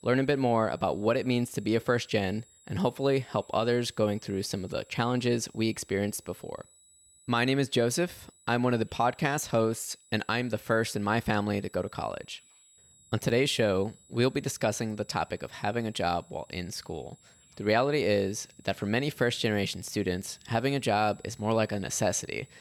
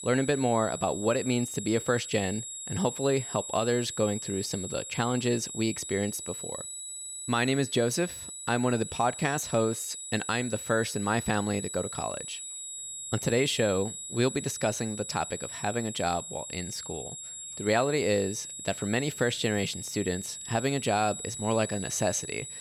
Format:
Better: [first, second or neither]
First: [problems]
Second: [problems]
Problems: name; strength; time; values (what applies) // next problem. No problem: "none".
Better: first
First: high-pitched whine; faint; throughout; 7.5 kHz, 30 dB below the speech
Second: high-pitched whine; loud; throughout; 7.5 kHz, 8 dB below the speech